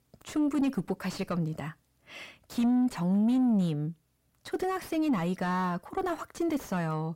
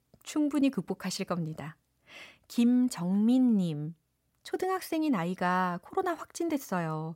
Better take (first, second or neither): second